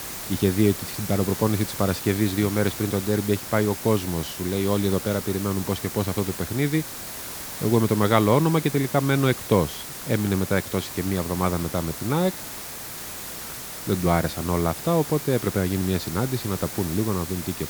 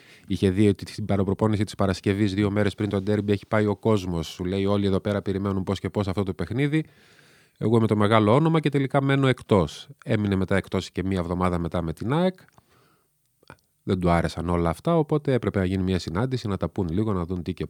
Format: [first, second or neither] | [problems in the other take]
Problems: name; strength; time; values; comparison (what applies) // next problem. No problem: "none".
second | hiss; loud; throughout; 8 dB below the speech